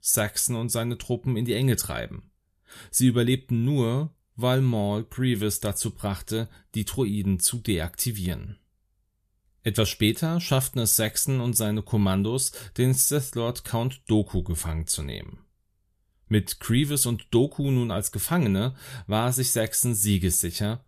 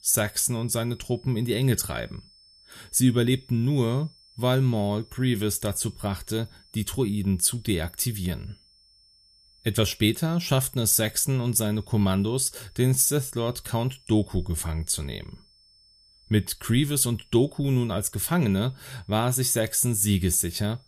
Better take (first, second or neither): first